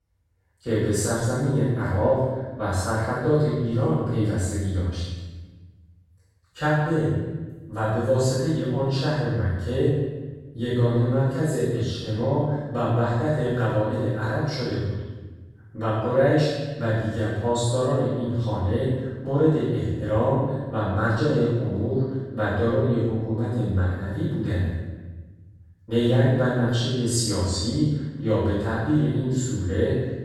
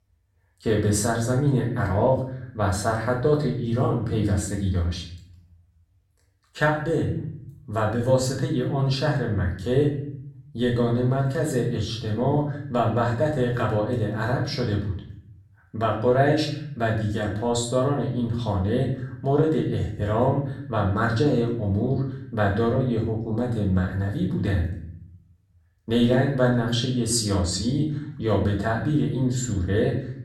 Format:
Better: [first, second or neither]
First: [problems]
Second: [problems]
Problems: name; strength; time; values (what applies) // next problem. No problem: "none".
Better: second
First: room echo; strong; dies away in 1.2 s // off-mic speech; far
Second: room echo; slight; dies away in 0.7 s // off-mic speech; far